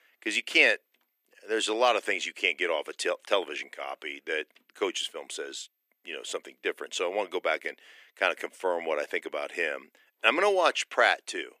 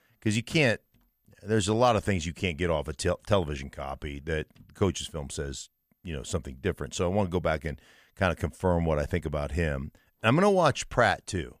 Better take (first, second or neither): second